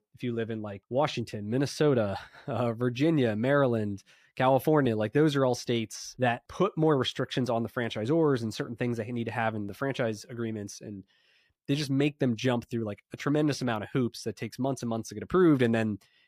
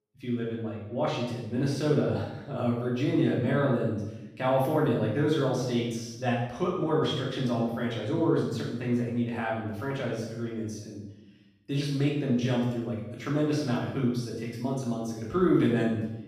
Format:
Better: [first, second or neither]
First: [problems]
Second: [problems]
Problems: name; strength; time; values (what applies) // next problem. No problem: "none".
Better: first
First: none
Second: room echo; noticeable; dies away in 0.8 s // off-mic speech; far